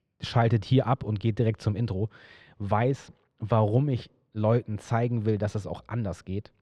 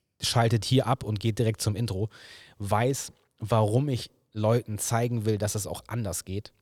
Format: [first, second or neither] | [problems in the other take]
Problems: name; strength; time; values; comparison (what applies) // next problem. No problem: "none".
second | muffled; slightly; fading above 2.5 kHz